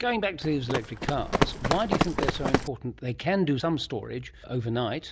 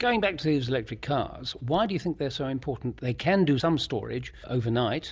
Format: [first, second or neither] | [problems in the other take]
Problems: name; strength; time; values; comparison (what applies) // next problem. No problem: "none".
second | background sound (Run); 1 dB above the speech